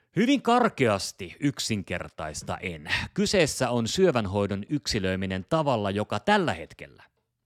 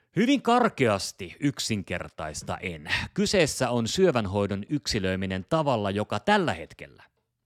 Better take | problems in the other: neither | none

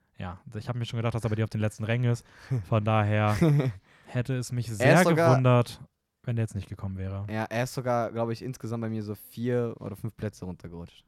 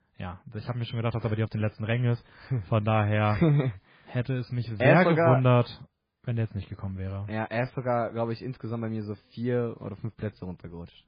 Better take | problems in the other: first | garbled, watery; badly; nothing above 5 kHz

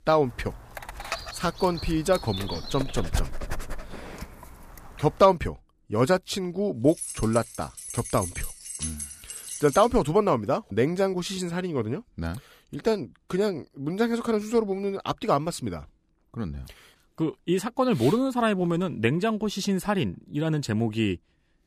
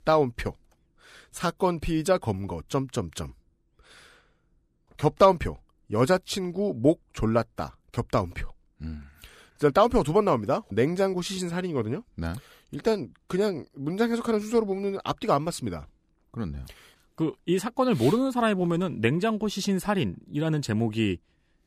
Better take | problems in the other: second | dog barking; noticeable; from 1 to 4 s; peak 6 dB below the speech // jangling keys; noticeable; from 7 to 10 s; peak 6 dB below the speech

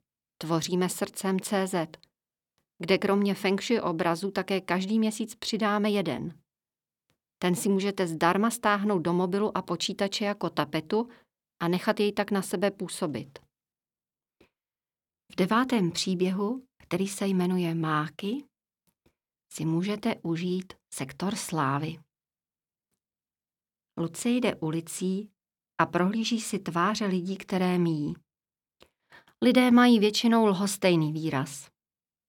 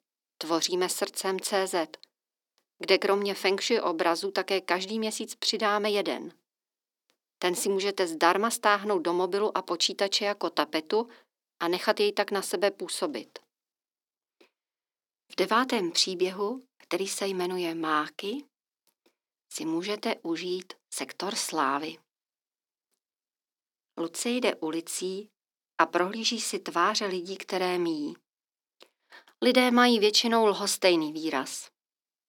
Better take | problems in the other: first | thin; somewhat; fading below 300 Hz

